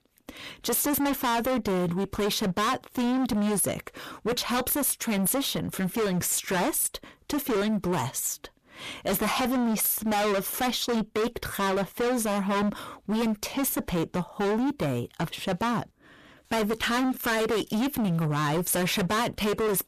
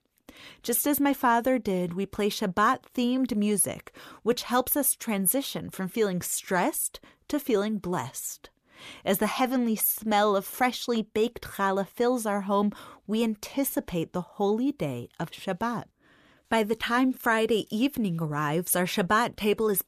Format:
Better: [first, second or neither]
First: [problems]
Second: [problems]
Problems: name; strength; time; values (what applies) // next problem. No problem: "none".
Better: second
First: distortion; heavy; 29% of the sound clipped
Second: none